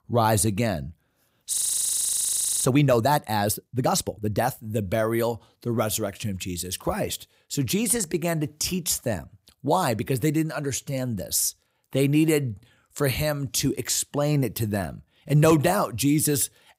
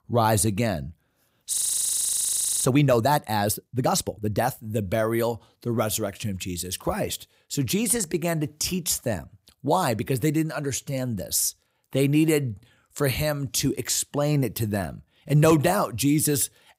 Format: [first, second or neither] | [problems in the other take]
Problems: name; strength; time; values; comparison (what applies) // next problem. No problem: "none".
neither | audio freezing; at 1.5 s for 1 s; the same in both